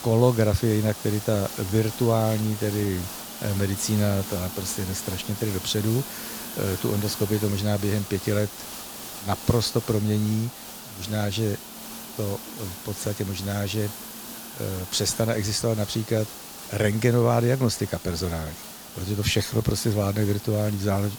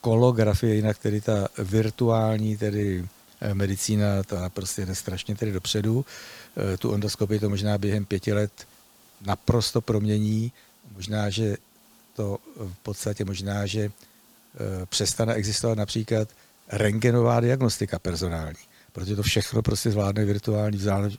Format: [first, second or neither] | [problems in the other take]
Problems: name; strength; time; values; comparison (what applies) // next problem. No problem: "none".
second | hiss; loud; throughout; 10 dB below the speech; faint in the second